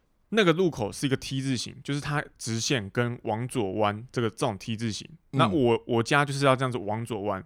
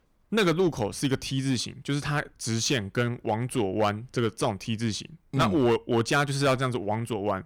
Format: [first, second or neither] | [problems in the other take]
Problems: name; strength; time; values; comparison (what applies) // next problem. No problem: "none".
first | distortion; slight; 4% of the sound clipped